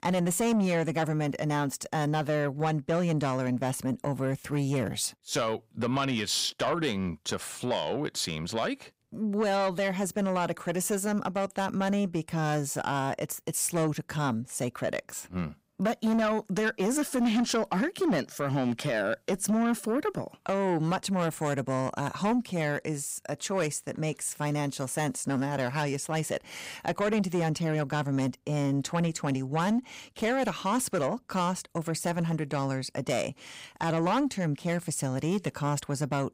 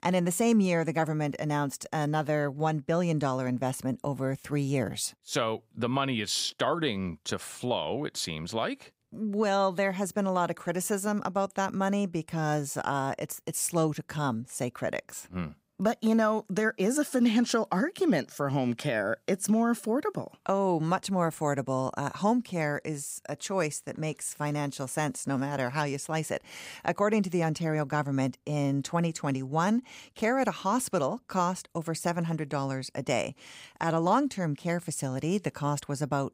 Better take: second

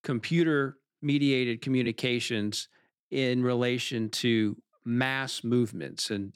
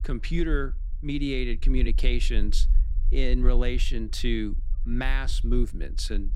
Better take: first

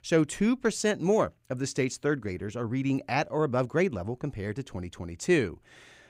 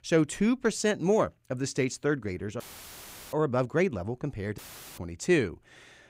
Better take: first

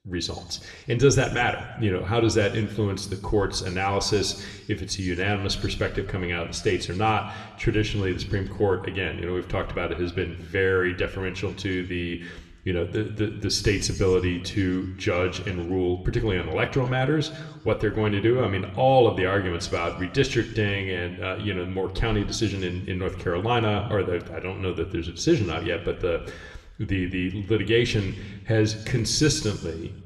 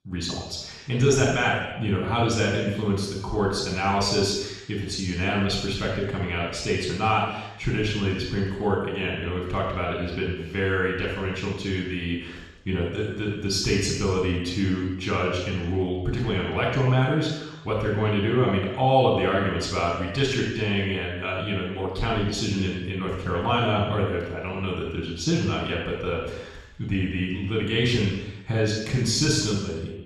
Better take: first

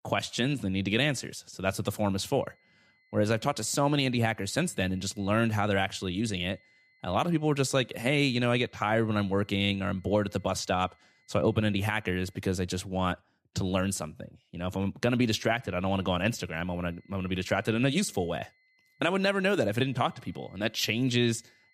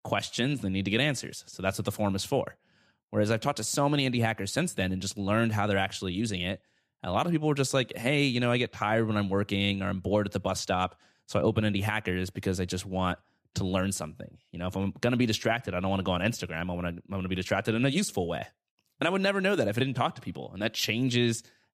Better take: second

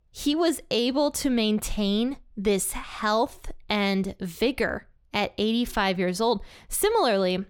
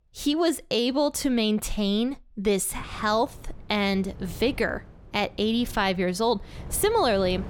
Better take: first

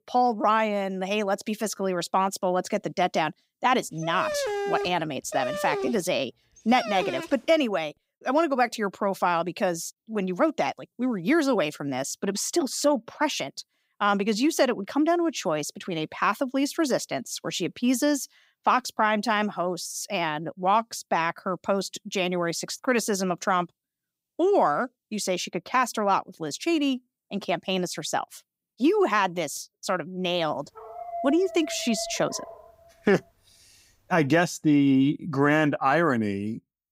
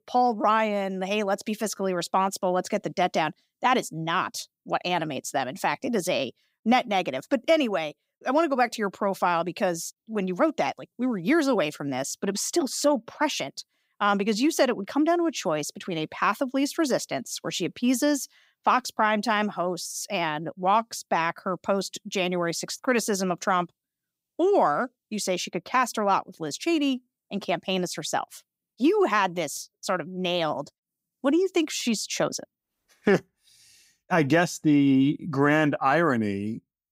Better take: second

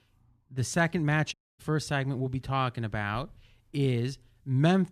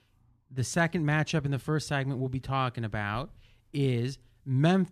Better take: second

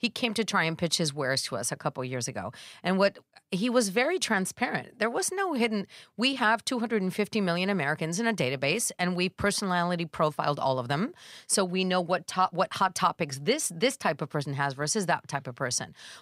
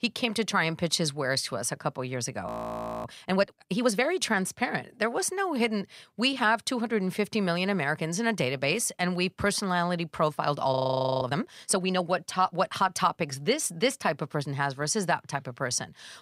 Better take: first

